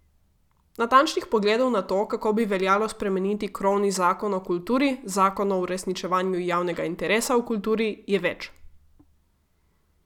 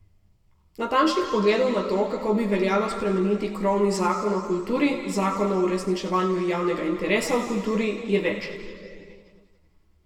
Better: first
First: none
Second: room echo; dies away in 2.3 s

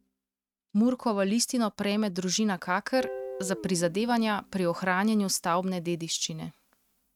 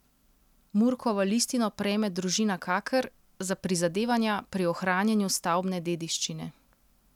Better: second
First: noise reduction (neural mask model RNNoise)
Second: none

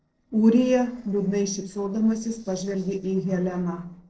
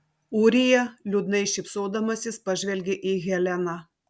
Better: second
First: noise reduction (neural separator model SepFormer DNS4)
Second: none

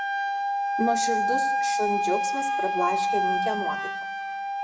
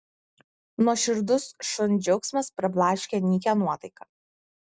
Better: second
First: background sound (Wind instrument, woodwind instrument); 5 dB above the speech // room echo; dies away in 0.6 s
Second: none

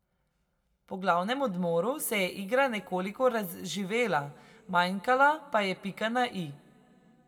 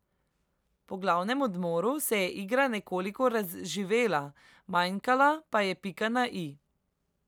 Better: second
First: room echo; dies away in 1.9 s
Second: none

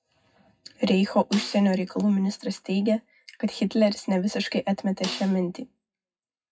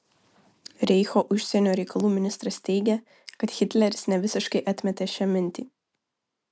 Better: second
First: noise reduction (classical method WPE with log-MMSE)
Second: none

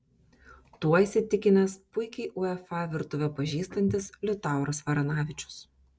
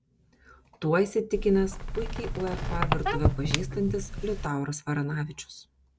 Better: first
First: none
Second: background sound (Squeak); 1 dB above the speech

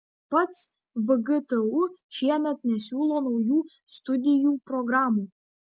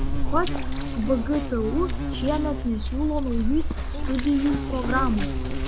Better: first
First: none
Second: background sound (Insect); 1 dB above the speech

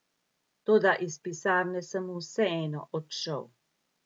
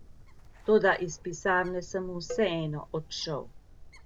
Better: first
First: none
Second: background sound (Bird + Cowbell); 15 dB below the speech

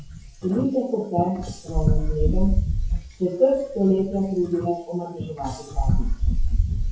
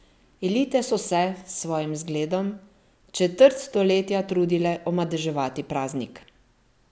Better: second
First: noise reduction (classical method WPE with log-MMSE)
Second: none

